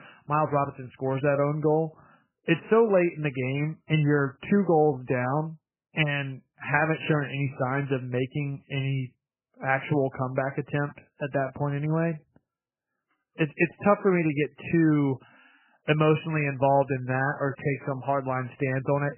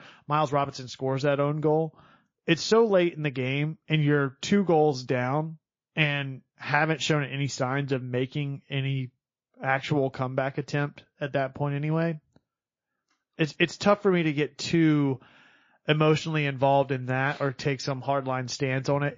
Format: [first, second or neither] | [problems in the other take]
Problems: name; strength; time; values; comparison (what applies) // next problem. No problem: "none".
second | garbled, watery; badly; nothing above 3 kHz; slightly in the second